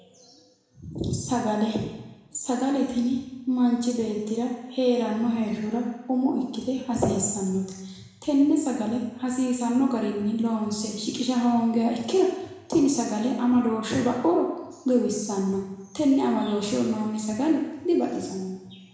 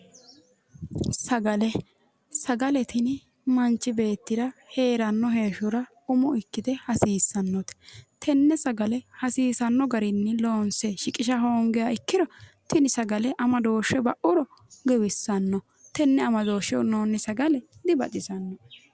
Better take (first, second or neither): second